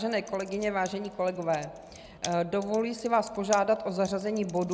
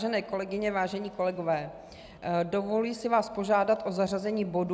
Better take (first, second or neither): second